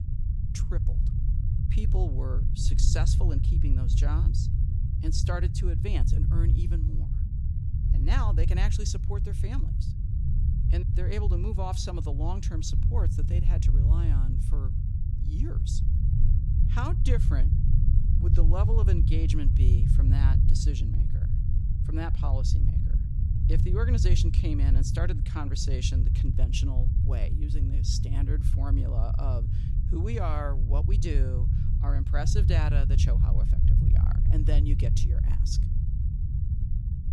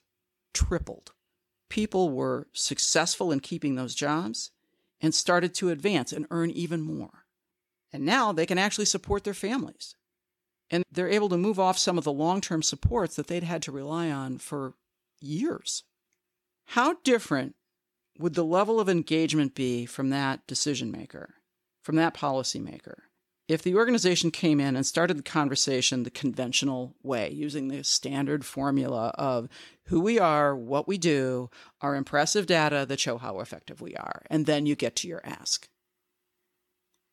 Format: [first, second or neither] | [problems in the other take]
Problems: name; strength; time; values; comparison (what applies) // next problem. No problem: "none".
second | low rumble; loud; throughout; 3 dB below the speech